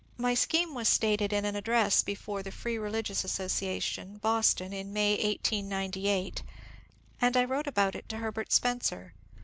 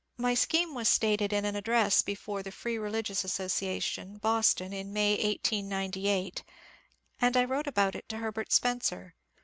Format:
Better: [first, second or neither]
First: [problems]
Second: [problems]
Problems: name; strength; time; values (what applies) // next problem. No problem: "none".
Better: second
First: background sound (Purr); 18 dB below the speech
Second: none